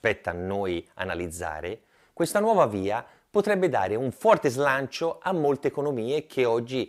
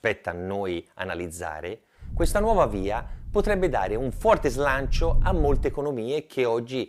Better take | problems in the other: first | low rumble; faint; from 2 to 5.5 s; 25 dB below the speech

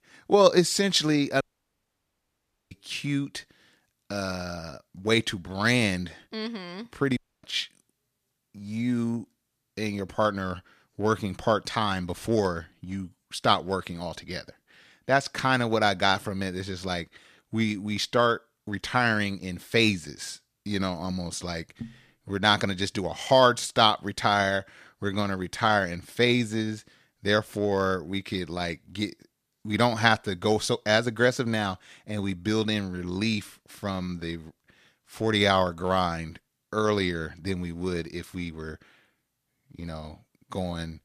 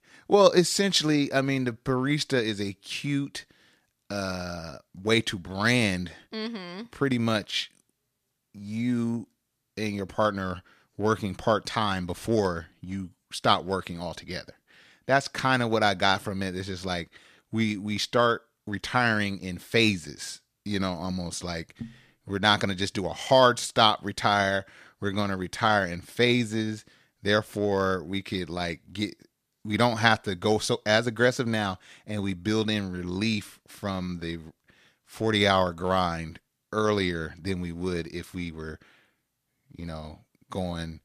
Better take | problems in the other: second | audio cutting out; at 1.5 s for 1.5 s and at 7 s

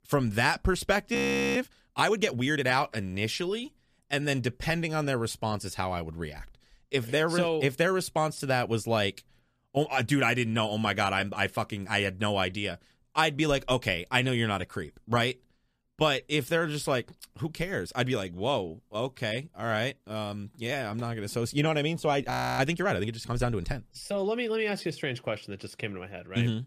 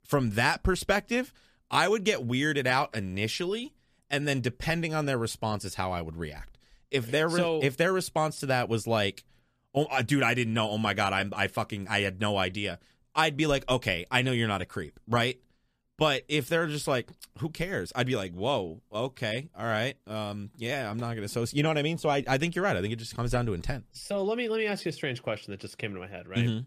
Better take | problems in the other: second | audio freezing; at 1 s and at 22 s

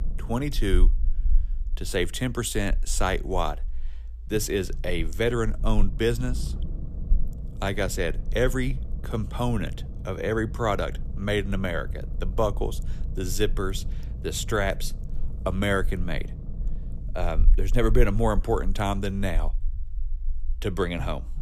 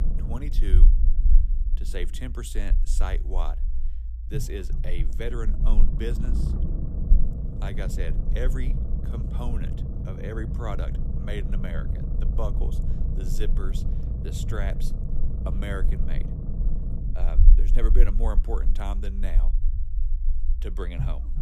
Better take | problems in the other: first | low rumble; loud; throughout; 6 dB below the speech; faint in the first

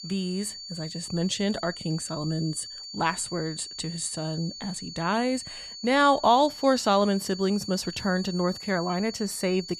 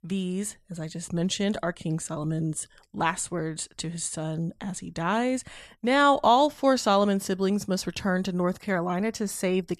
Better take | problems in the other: second | high-pitched whine; noticeable; throughout; 4.5 kHz, 10 dB below the speech

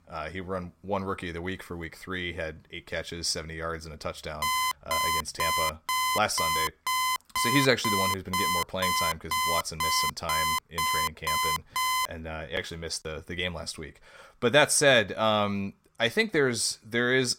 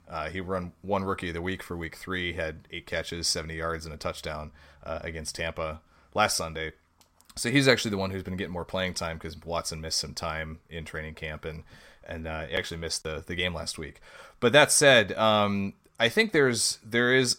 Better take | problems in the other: second | alarm; loud; from 4.5 to 12 s; peak 3 dB above the speech

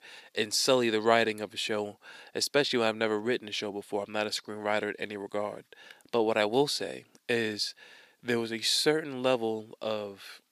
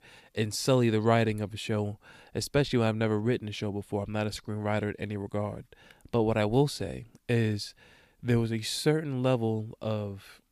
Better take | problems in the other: second | thin; somewhat; fading below 350 Hz

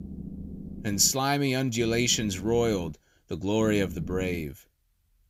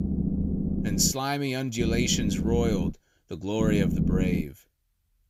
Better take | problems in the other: first | low rumble; loud; until 1 s, from 2 to 3 s and at 3.5 s; 6 dB below the speech; faint in the first

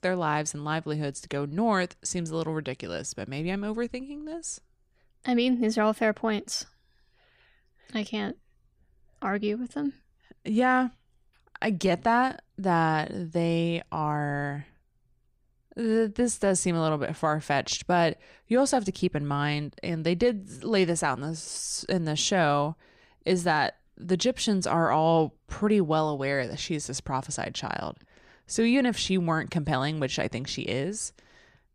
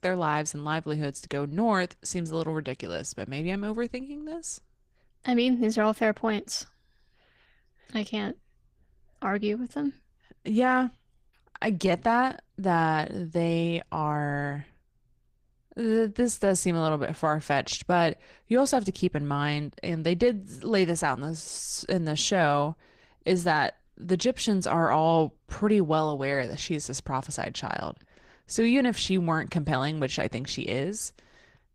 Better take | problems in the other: first | garbled, watery; slightly; nothing above 15.5 kHz

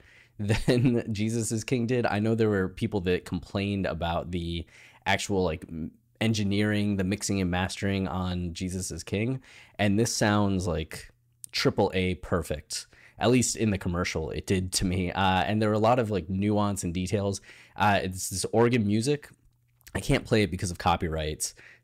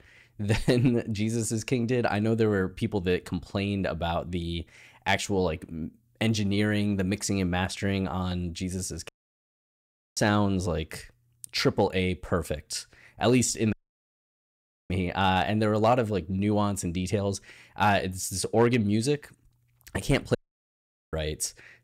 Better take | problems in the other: first | audio cutting out; at 9 s for 1 s, at 14 s for 1 s and at 20 s for 1 s

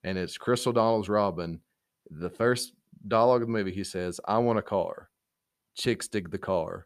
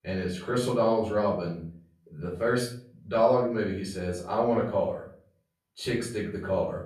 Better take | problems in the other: first | off-mic speech; far // room echo; noticeable; dies away in 0.5 s

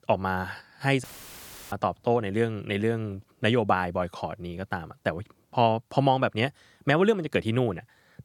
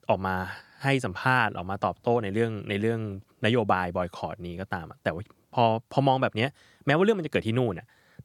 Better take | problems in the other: second | audio cutting out; filled with static; at 1 s for 0.5 s

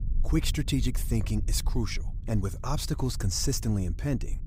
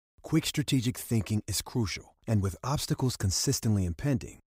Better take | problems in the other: second | low rumble; noticeable; throughout; 20 dB below the speech

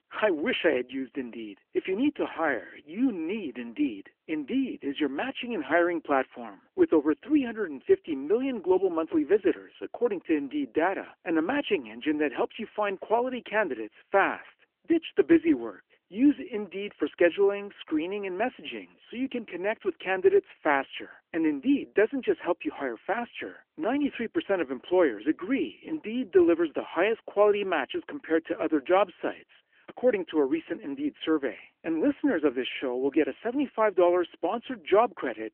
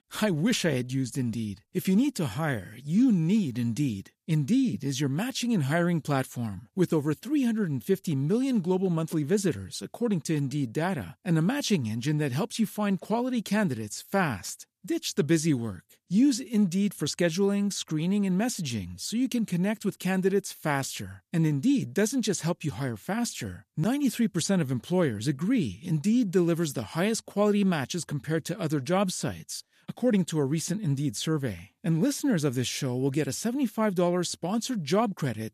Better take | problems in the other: second | phone-call audio; nothing above 3 kHz

